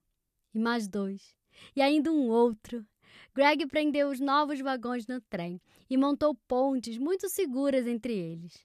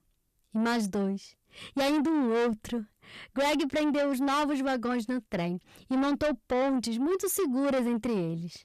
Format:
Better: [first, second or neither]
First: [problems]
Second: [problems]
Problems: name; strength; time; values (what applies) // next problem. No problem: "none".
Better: first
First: none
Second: distortion; heavy; 7 dB below the speech